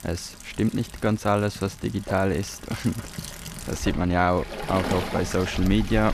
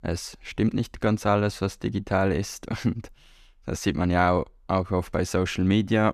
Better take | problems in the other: second | rain or running water; loud; throughout; 10 dB below the speech

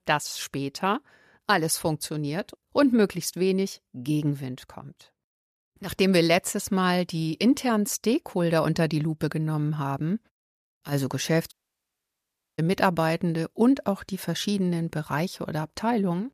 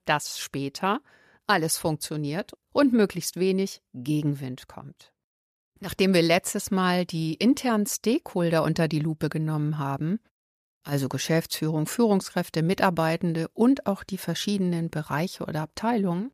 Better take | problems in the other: second | audio cutting out; at 12 s for 1 s

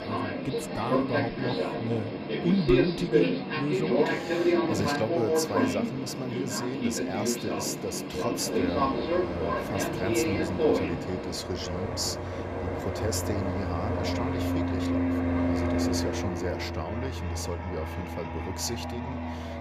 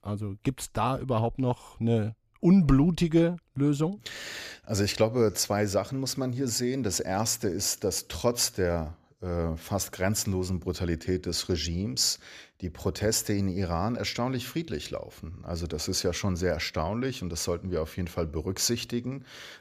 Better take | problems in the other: second | train or aircraft noise; very loud; throughout; 4 dB above the speech

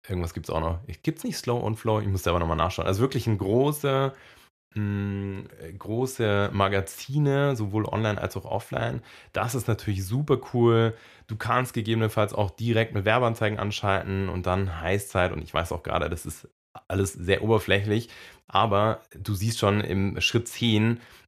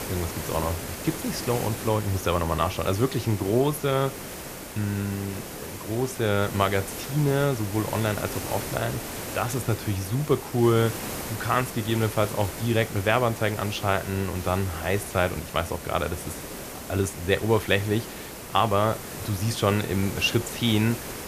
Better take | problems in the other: first | hiss; loud; throughout; 9 dB below the speech

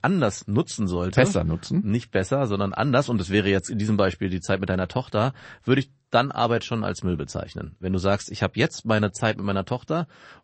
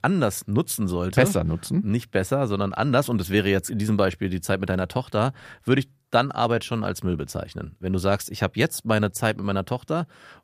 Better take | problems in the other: second | garbled, watery; slightly; nothing above 8 kHz

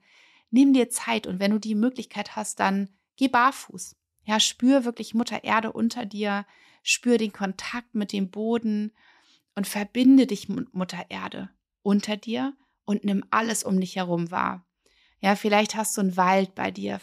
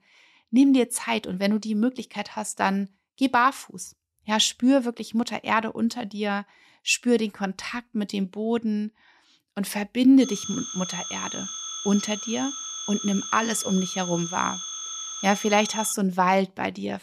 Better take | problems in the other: first | phone ringing; noticeable; from 10 to 16 s; peak 6 dB below the speech

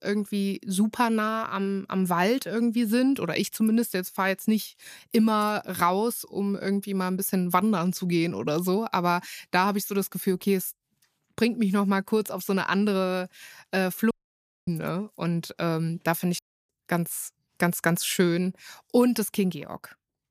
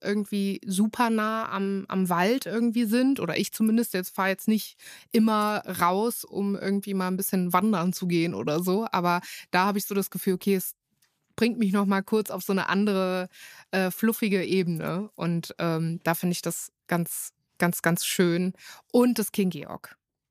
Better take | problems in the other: second | audio cutting out; at 14 s for 0.5 s and at 16 s

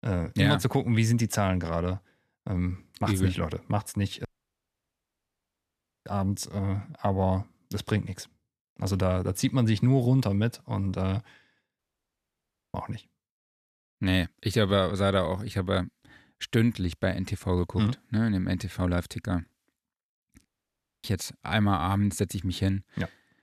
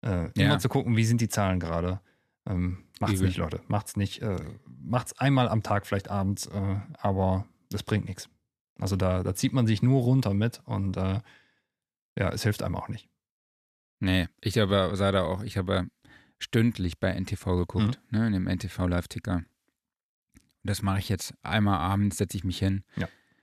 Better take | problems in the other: second | audio cutting out; at 4.5 s for 2 s, at 12 s for 1 s and at 20 s for 0.5 s

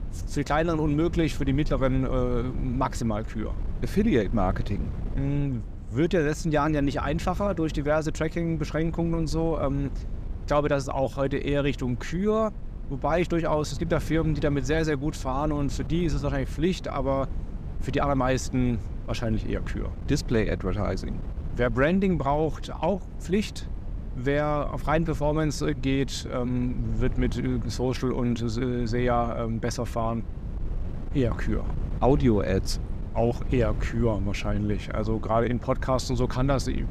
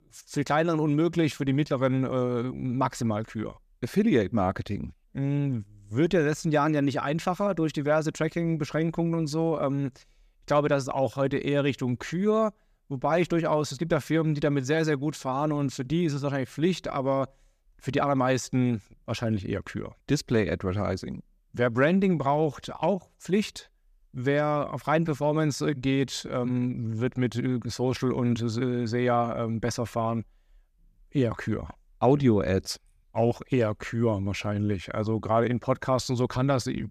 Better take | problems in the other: second | wind noise on the microphone; occasional gusts; 20 dB below the speech

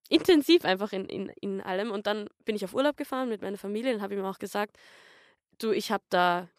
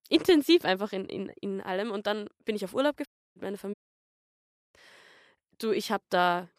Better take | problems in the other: first | audio cutting out; at 3 s and at 3.5 s for 1 s

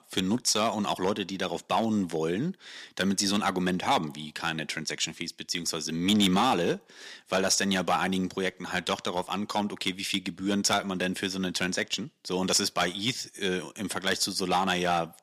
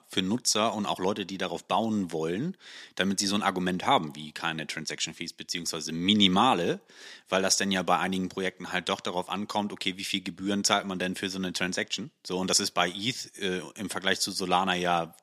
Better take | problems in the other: second | distortion; slight; 3% of the sound clipped

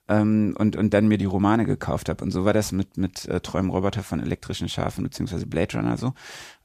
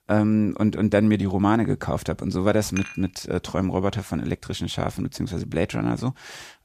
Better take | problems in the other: first | clattering dishes; noticeable; at 3 s; peak 10 dB below the speech

